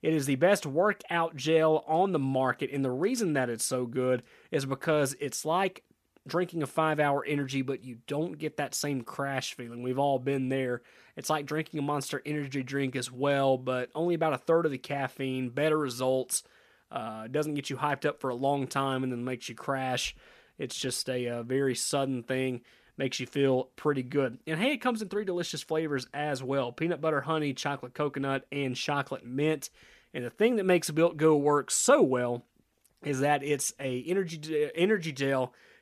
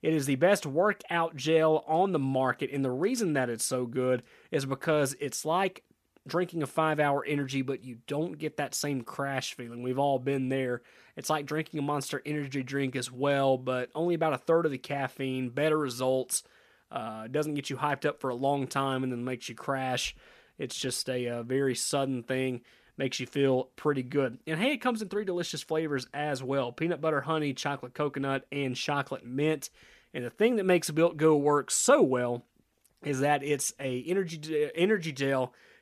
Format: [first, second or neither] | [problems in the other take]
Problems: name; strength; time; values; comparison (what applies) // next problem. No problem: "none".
neither | none